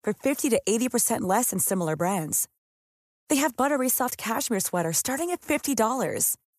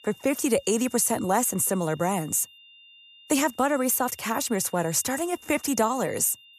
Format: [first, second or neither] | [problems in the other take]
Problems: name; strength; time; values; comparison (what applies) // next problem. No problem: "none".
first | high-pitched whine; faint; throughout; 3 kHz, 25 dB below the speech